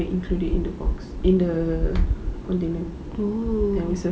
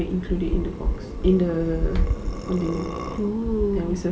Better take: first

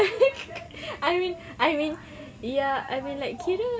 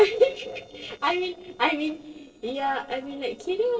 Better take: first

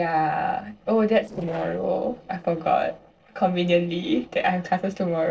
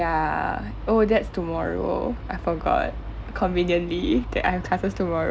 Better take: second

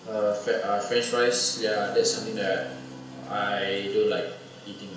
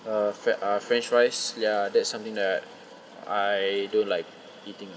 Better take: second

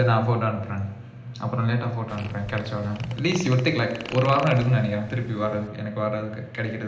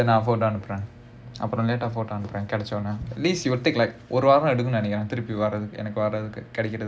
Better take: second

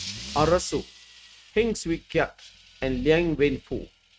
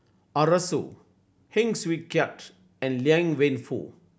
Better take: second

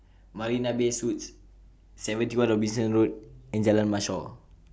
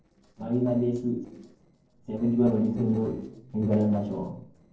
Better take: first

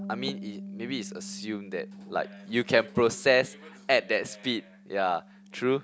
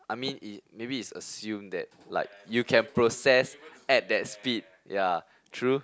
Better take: second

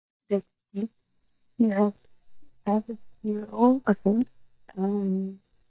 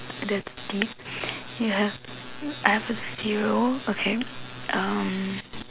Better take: second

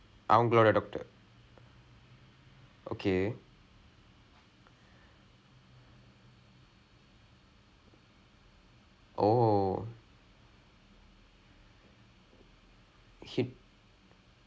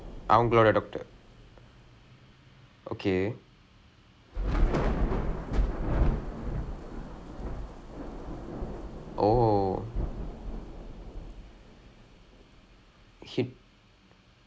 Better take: first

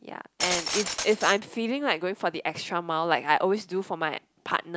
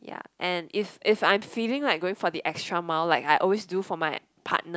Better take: second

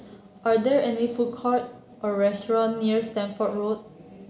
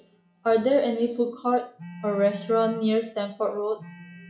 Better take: first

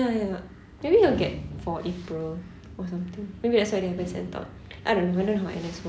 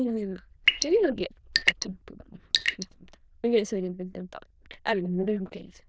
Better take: first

